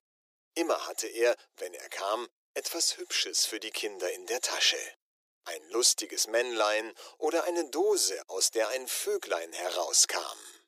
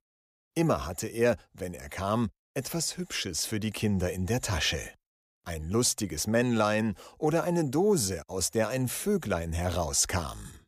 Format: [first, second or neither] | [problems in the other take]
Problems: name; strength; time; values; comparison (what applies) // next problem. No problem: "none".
second | thin; very; fading below 350 Hz